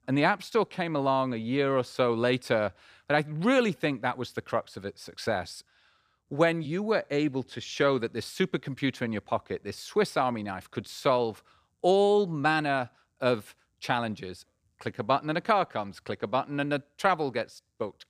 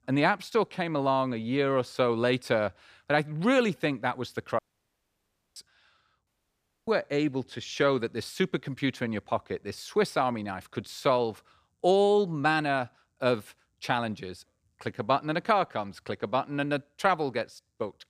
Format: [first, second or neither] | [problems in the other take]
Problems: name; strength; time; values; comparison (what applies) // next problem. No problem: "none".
first | audio cutting out; at 4.5 s for 1 s and at 6.5 s for 0.5 s